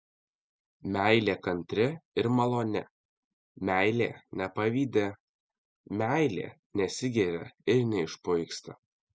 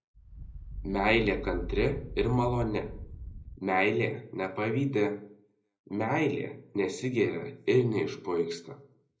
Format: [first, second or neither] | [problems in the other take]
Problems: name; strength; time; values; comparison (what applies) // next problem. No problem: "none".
first | background sound (Thunder / Wind); 9 dB below the speech // room echo; dies away in 0.5 s